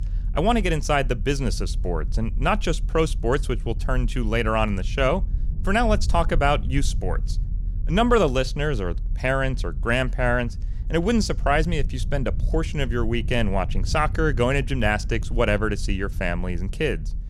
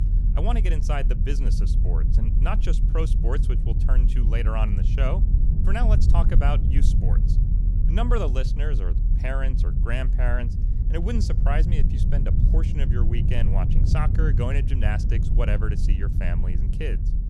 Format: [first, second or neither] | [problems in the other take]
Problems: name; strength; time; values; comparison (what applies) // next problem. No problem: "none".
first | low rumble; loud; throughout; 6 dB below the speech; faint in the first